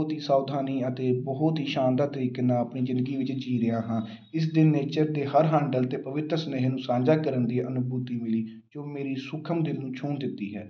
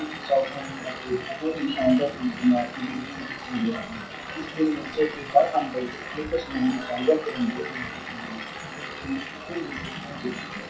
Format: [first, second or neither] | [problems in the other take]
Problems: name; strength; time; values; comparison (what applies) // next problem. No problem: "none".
first | noise reduction (classical method WPE with log-MMSE)